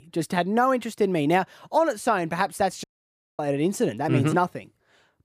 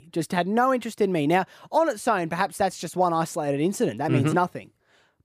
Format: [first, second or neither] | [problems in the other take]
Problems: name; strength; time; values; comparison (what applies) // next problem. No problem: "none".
second | audio cutting out; at 3 s for 0.5 s